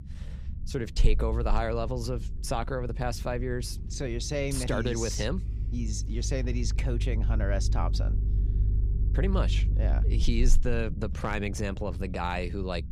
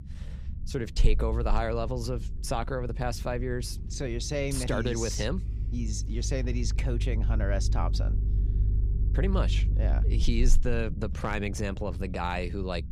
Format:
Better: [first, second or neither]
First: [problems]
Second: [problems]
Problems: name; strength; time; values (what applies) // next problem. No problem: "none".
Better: neither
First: low rumble; noticeable; throughout; 15 dB below the speech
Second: low rumble; noticeable; throughout; 15 dB below the speech